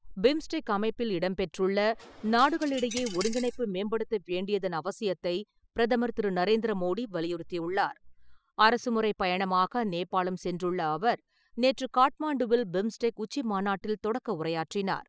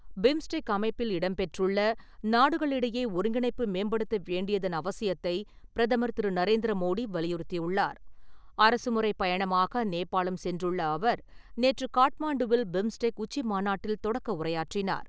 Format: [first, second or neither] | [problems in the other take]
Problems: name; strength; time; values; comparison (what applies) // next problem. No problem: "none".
second | noise reduction (classical method spectral subtraction)